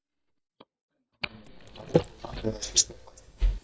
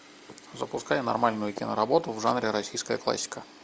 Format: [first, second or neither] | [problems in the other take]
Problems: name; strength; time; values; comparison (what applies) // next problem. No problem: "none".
second | noise reduction (neural mask model DeepFilterNet 3)